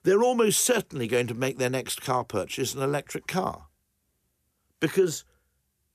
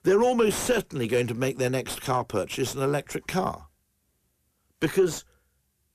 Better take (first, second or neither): first